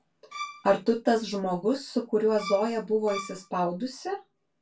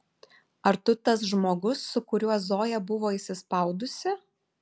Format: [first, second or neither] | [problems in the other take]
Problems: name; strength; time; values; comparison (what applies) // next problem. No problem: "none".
second | background sound (Bowed string instrument); 12 dB below the speech // room echo; dies away in 0.2 s